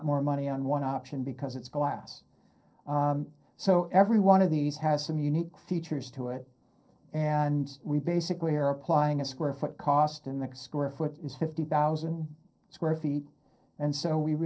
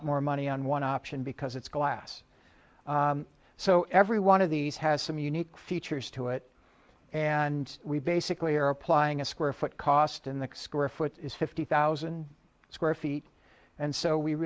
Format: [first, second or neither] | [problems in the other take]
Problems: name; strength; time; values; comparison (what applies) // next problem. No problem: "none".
second | noise reduction (neural separator model SepFormer DNS4)